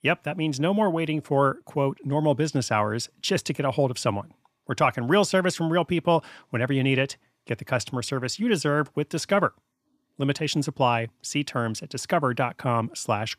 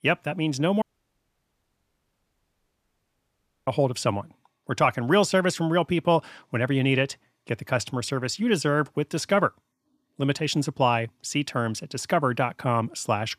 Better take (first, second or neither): first